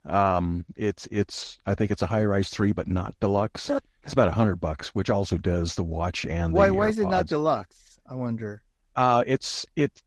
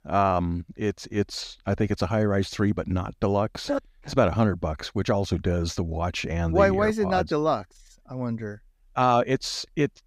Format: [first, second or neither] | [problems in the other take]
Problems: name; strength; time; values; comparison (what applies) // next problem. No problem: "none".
second | garbled, watery; slightly